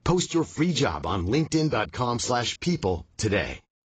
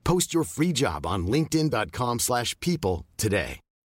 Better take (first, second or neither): second